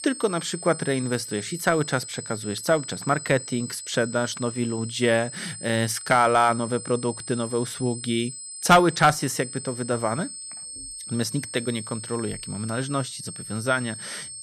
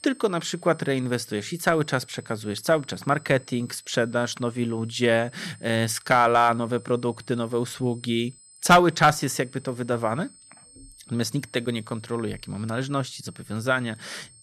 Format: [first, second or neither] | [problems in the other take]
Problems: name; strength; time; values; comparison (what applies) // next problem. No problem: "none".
second | high-pitched whine; loud; throughout; 8 kHz, 10 dB below the speech; faint in the second